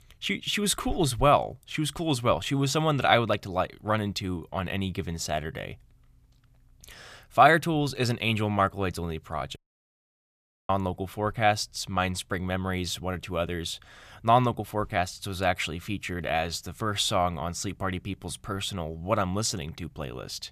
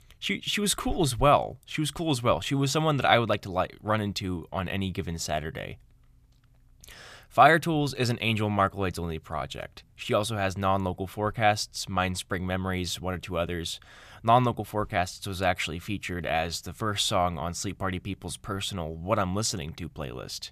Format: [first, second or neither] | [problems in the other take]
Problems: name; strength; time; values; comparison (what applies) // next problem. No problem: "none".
second | audio cutting out; at 9.5 s for 1 s